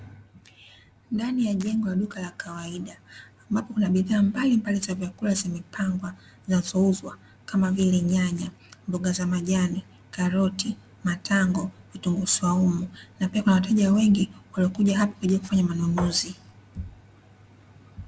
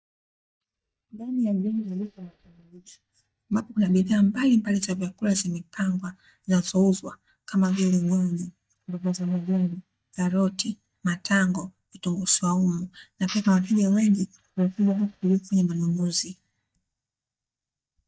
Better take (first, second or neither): first